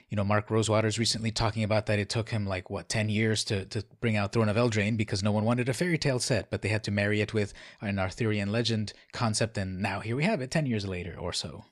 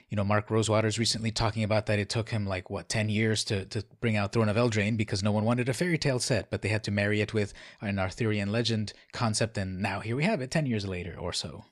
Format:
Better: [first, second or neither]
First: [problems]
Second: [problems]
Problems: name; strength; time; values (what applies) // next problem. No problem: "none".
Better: neither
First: none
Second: none